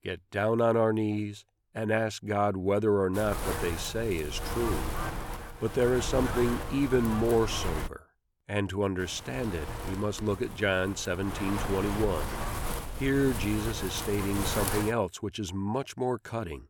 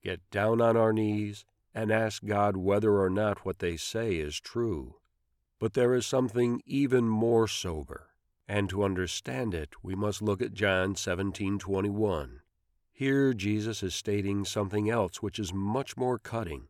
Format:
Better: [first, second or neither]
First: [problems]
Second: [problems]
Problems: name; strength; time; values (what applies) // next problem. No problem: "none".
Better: second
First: wind noise on the microphone; heavy; from 3 to 8 s and from 9 to 15 s; 6 dB below the speech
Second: none